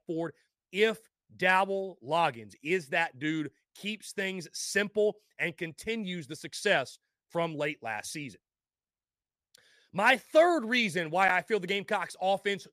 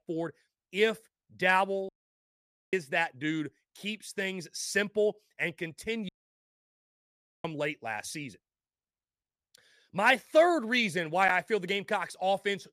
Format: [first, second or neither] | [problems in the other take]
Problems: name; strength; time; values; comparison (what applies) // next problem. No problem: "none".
first | audio cutting out; at 2 s for 1 s and at 6 s for 1.5 s